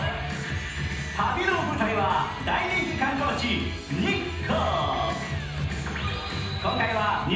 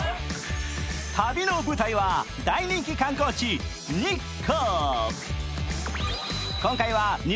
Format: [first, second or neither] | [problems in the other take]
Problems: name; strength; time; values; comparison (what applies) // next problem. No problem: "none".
second | background sound (Squeak); 17 dB below the speech // room echo; dies away in 0.9 s